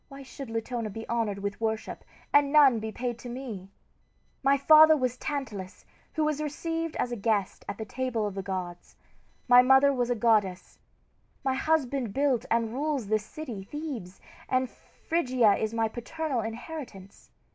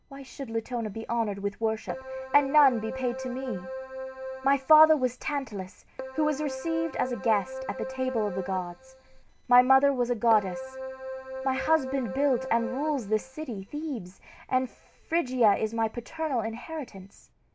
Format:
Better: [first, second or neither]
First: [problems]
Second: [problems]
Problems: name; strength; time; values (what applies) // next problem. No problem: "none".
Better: first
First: none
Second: background sound (Keyboard (musical)); 9 dB below the speech